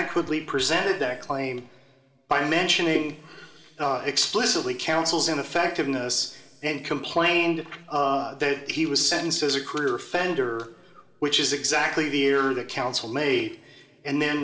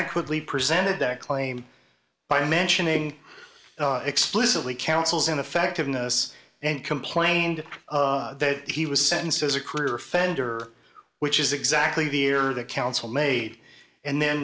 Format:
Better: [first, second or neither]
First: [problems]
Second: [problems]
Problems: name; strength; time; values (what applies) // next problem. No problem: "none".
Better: second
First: room echo; dies away in 1.3 s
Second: none